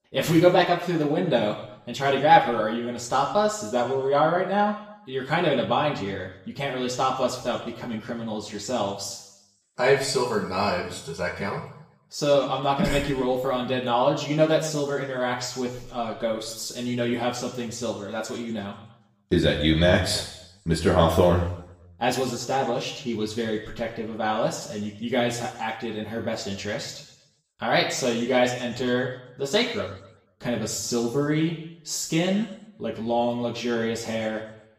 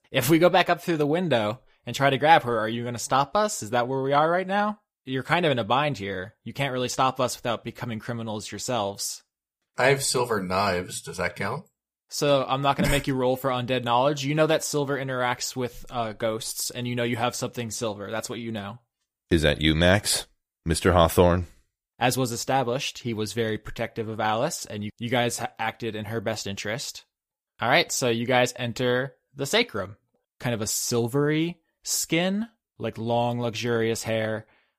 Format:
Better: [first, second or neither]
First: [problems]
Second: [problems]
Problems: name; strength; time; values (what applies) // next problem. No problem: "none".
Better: second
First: room echo; noticeable; dies away in 0.8 s // off-mic speech; far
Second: none